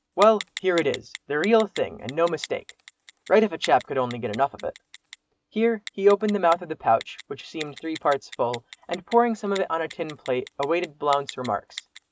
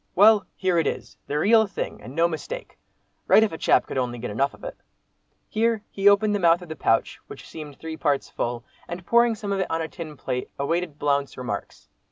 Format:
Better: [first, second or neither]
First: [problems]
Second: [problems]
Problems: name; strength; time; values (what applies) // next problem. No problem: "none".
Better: second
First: noise reduction (neural mask model RNNoise)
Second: none